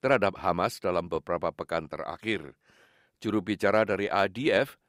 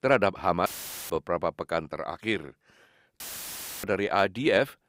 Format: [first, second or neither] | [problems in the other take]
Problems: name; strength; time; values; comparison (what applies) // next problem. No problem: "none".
first | audio cutting out; filled with static; at 0.5 s and at 3 s for 0.5 s